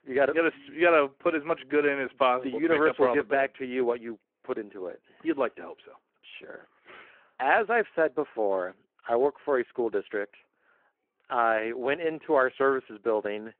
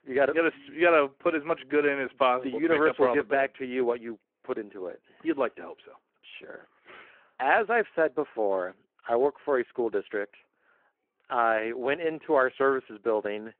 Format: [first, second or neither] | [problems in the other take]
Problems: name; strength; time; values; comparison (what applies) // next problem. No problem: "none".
neither | phone-call audio; the same in both